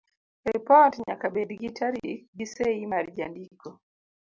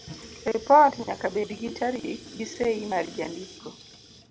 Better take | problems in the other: first | background sound (Sink (filling or washing) / Water tap, faucet); 17 dB below the speech

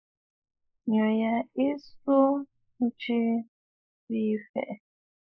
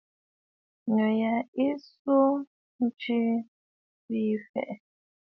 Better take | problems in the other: second | noise reduction (neural mask model Resemble Enhance denoiser)

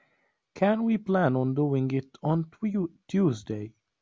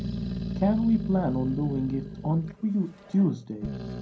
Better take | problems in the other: first | background sound (Growling); 7 dB below the speech // room echo; dies away in 0.2 s

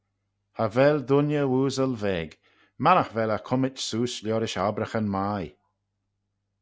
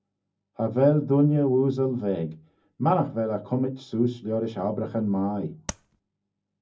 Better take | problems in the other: first | background sound (Tap); 11 dB below the speech // room echo; dies away in 0.4 s

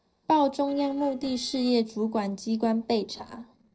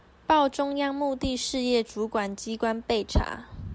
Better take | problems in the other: second | noise reduction (neural separator model SepFormer DNS4)

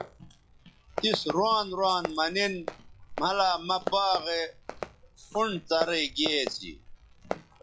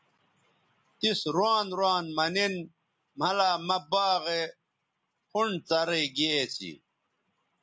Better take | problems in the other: second | noise reduction (classical method log-MMSE)

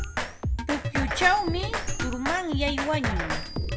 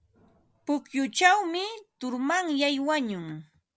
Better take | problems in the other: second | background sound (Drum kit); as loud as the speech // room echo; dies away in 1.1 s

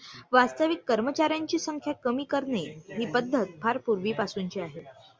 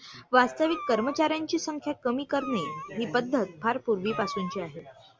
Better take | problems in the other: first | background sound (Meow); 13 dB below the speech

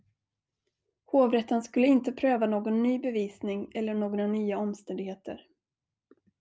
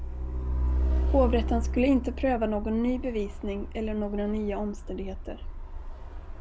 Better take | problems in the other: first | background sound (Truck); 1 dB below the speech

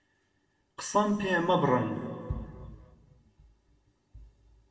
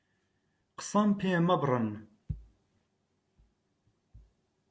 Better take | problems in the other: second | room echo; dies away in 1.7 s

